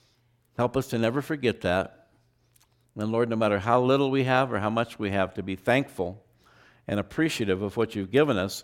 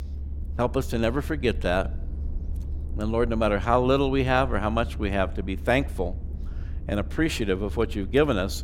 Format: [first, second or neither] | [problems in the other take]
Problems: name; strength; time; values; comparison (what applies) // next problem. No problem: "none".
first | low rumble; faint; throughout; 25 dB below the speech